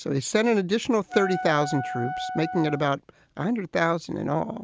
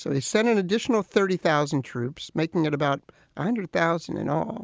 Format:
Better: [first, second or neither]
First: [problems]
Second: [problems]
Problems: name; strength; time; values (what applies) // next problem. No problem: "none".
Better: second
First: background sound (Wind instrument, woodwind instrument); 8 dB below the speech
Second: none